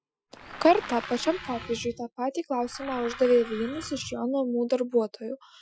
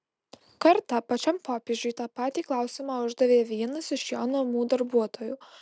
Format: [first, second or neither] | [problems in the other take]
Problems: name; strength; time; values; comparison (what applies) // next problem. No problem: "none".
second | noise reduction (classical method Wiener filter)